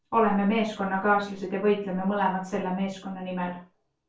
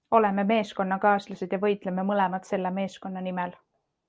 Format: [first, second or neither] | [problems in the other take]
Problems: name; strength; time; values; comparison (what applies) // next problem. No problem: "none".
second | room echo; dies away in 0.3 s